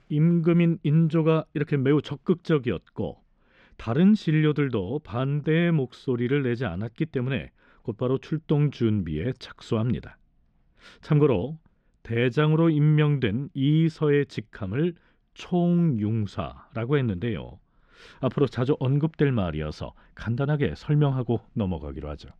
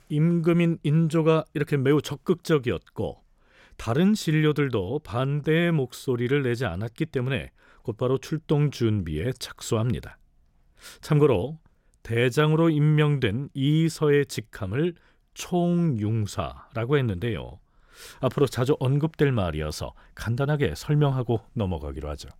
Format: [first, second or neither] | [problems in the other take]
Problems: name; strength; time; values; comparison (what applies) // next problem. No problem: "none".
second | muffled; slightly; fading above 3 kHz